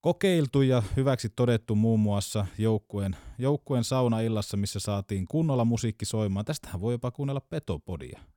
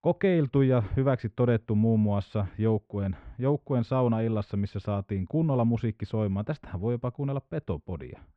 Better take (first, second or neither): first